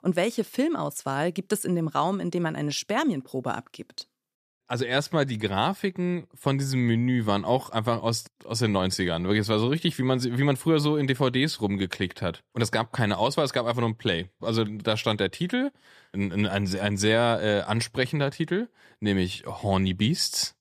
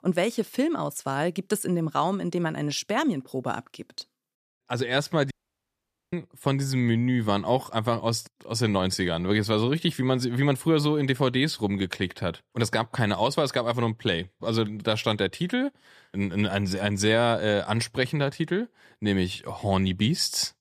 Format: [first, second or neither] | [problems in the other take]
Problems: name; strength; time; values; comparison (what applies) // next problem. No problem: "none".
first | audio cutting out; at 5.5 s for 1 s